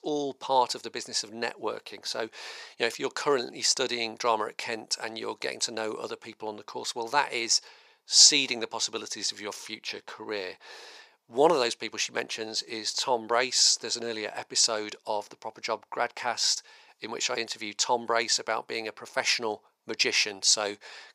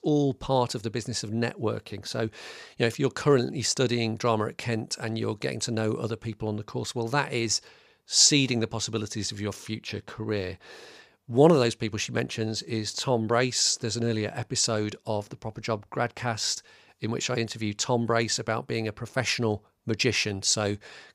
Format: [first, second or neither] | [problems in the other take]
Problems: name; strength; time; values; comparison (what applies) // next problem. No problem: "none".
second | thin; somewhat; fading below 450 Hz